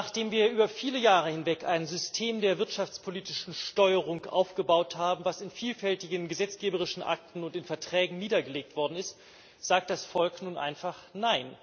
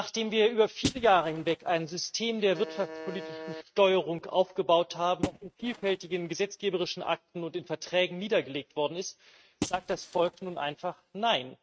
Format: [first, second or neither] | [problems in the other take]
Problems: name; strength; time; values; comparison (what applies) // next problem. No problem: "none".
first | noise reduction (neural mask model RNNoise)